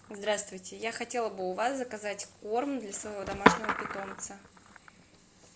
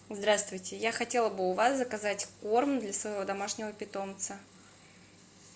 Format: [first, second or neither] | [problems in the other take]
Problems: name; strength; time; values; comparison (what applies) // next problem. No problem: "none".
second | background sound (Skateboard); 1 dB above the speech